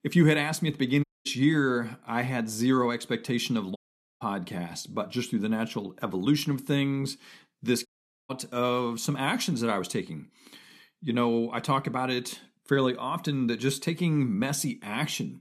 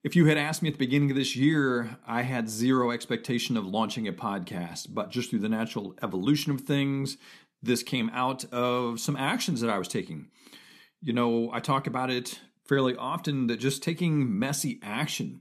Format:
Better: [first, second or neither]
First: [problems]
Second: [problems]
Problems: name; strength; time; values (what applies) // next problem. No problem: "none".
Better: second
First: audio cutting out; at 1 s, at 4 s and at 8 s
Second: none